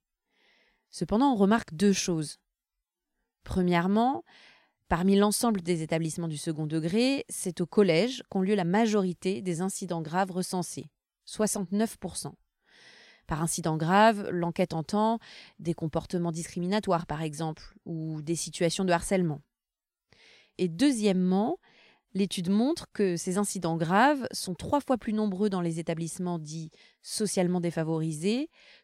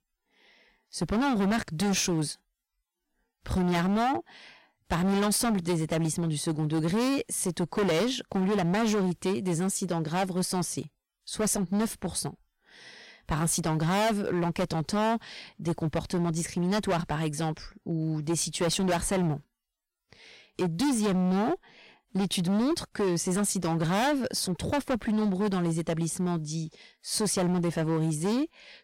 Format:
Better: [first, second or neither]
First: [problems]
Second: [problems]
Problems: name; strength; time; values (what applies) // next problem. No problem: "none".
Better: first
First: none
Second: distortion; heavy; 17% of the sound clipped